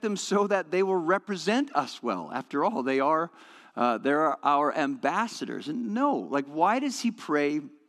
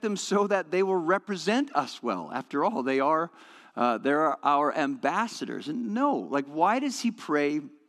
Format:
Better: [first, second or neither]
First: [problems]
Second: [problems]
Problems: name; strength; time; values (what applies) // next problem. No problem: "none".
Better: neither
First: none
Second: none